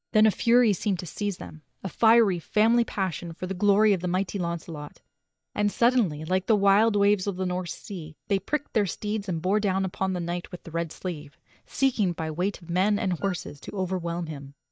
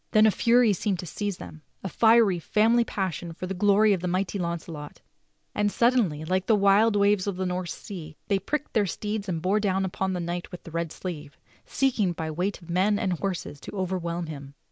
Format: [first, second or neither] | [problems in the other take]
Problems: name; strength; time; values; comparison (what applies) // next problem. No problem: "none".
second | noise reduction (neural mask model DeepFilterNet 3)